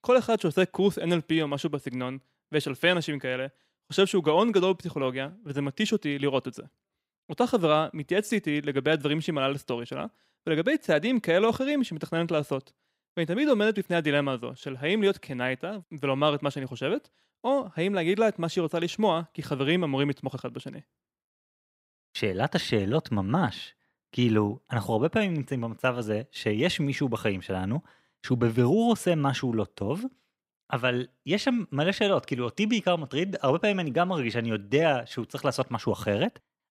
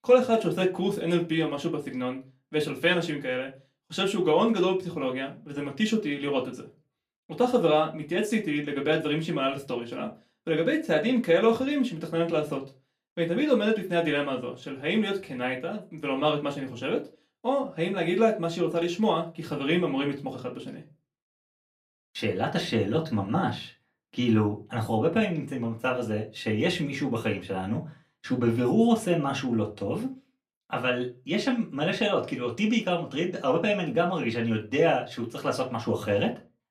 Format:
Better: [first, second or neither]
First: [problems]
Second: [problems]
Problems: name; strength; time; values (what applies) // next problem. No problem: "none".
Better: first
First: none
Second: off-mic speech; far // room echo; very slight; dies away in 0.2 s